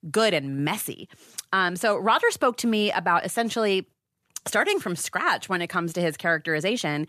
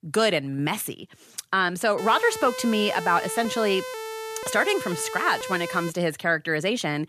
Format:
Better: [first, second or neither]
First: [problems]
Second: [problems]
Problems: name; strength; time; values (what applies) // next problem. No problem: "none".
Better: first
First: none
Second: siren; noticeable; from 2 to 6 s; peak 9 dB below the speech